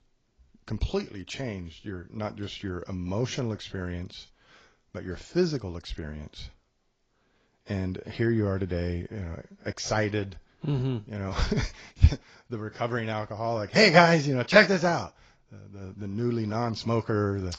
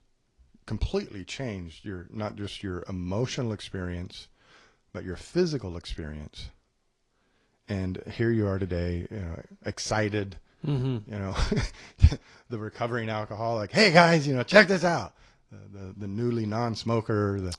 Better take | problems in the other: second | garbled, watery; badly; slightly in the second

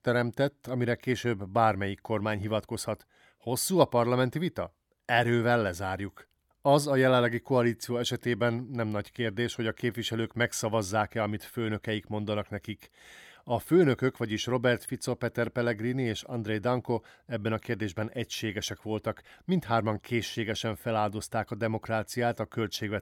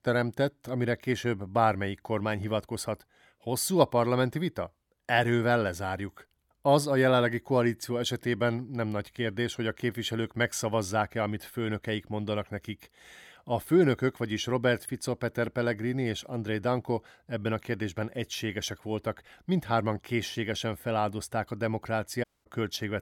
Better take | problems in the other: first | audio cutting out; at 22 s

